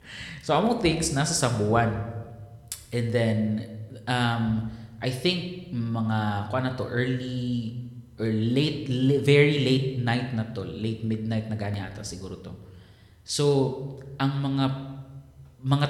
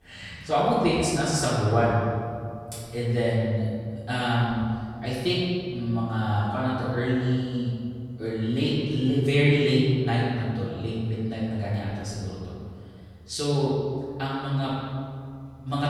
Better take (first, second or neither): first